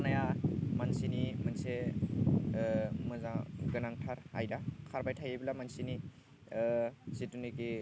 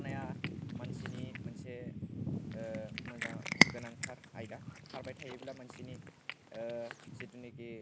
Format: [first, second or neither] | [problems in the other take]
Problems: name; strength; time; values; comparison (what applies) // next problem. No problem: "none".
first | background sound (Cat); 4 dB above the speech